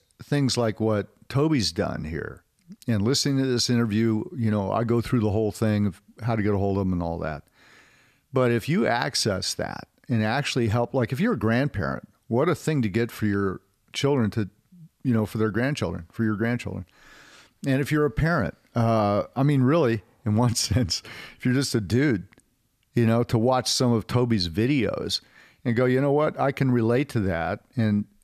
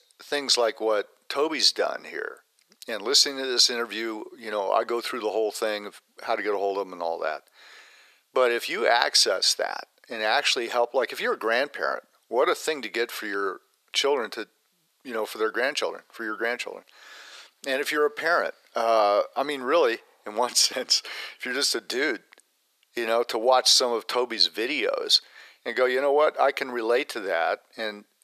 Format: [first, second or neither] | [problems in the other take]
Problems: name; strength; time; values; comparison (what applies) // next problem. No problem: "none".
first | thin; very; fading below 450 Hz